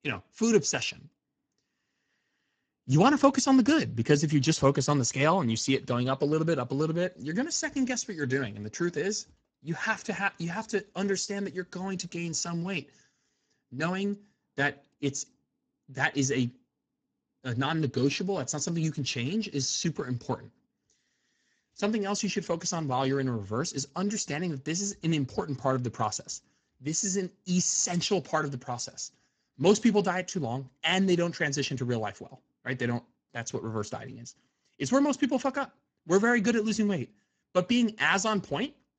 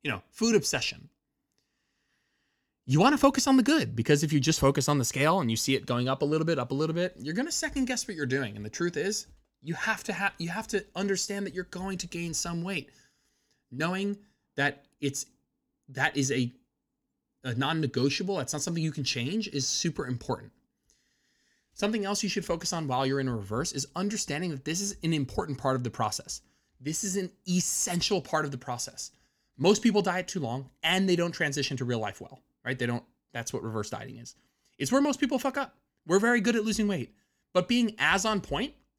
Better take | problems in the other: second | garbled, watery; badly

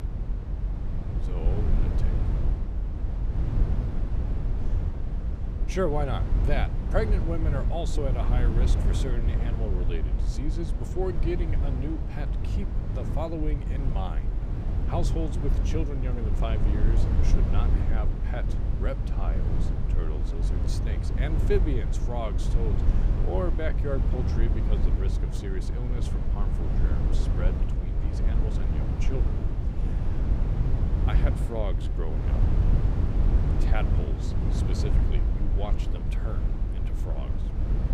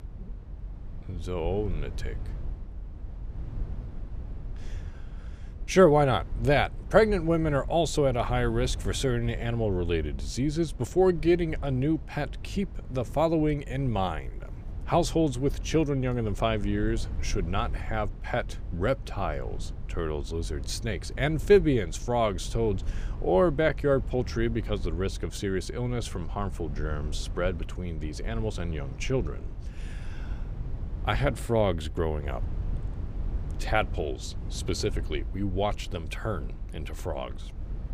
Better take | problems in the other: second | low rumble; loud; throughout; 4 dB below the speech; faint in the second

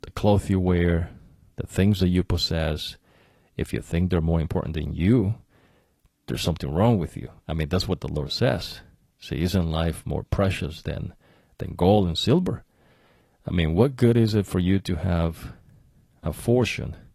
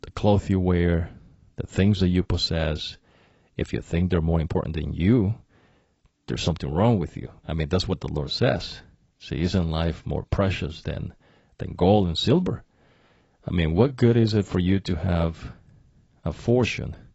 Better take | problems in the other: first | garbled, watery; badly; nothing above 8 kHz; slightly in the first

